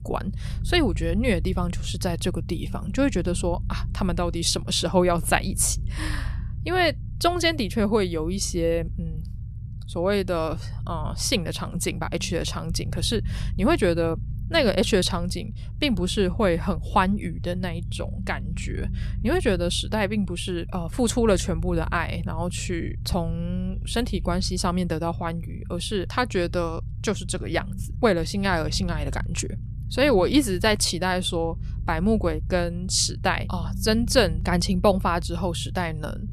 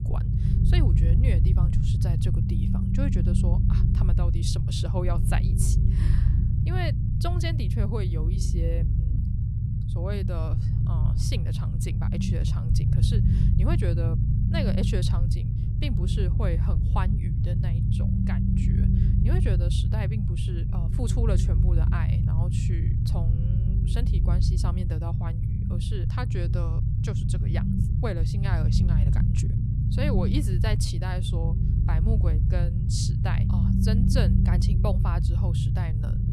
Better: first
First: low rumble; faint; throughout; 20 dB below the speech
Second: low rumble; loud; throughout; as loud as the speech

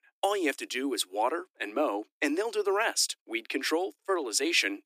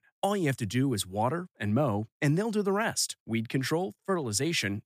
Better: second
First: thin; somewhat; fading below 300 Hz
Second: none

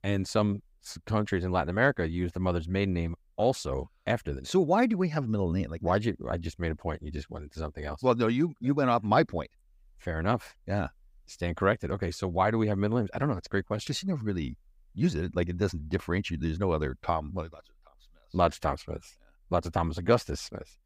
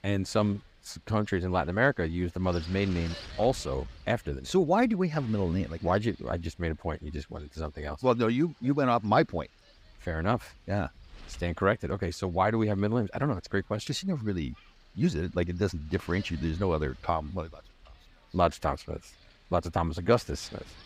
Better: first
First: none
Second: wind noise on the microphone; occasional gusts; 20 dB below the speech

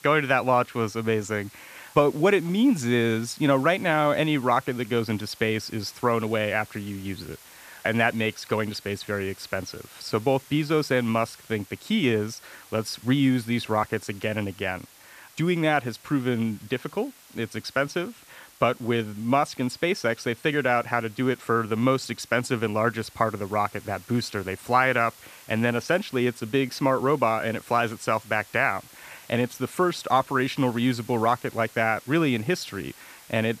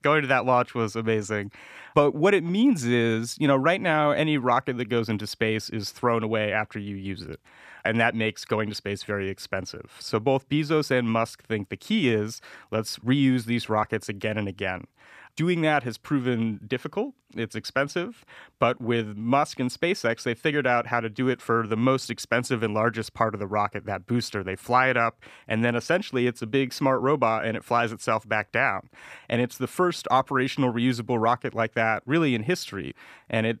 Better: second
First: hiss; faint; throughout; 25 dB below the speech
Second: none

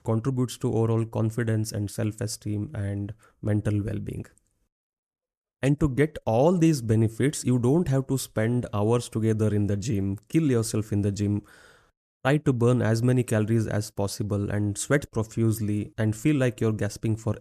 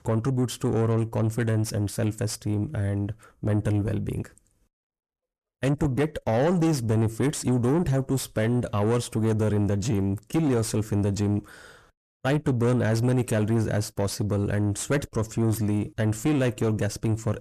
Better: first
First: none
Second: distortion; slight; 9 dB below the speech

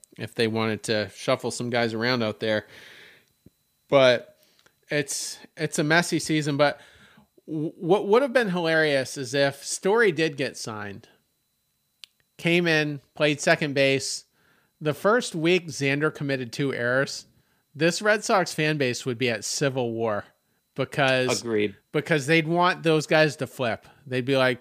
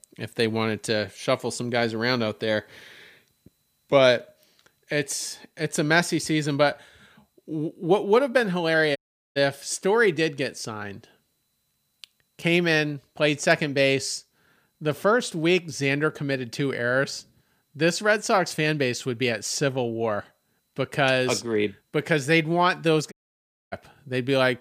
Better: first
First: none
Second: audio cutting out; at 9 s and at 23 s for 0.5 s

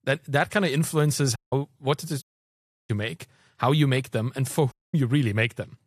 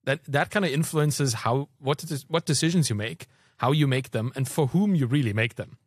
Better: second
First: audio cutting out; at 1.5 s, at 2 s for 0.5 s and at 4.5 s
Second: none

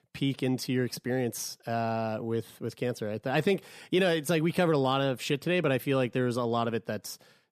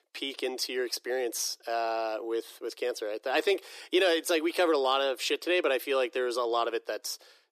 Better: first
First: none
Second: thin; very; fading below 300 Hz

